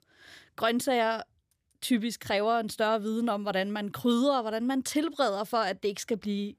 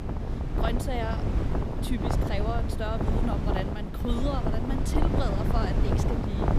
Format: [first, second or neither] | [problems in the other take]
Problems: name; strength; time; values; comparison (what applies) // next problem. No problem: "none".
first | wind noise on the microphone; heavy; as loud as the speech